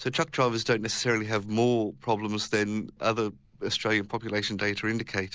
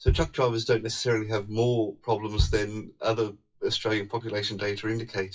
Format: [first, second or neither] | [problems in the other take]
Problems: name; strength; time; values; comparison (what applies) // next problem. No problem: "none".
first | noise reduction (classical method WPE with log-MMSE)